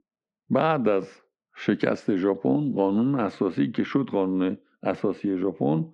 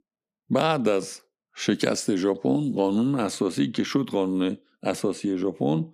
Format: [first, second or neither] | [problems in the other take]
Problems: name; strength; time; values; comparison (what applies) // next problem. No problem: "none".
second | muffled; very; fading above 2 kHz